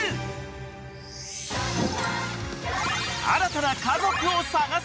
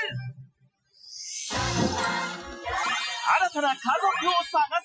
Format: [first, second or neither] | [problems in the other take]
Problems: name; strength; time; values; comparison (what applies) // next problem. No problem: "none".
first | noise reduction (classical method Wiener filter)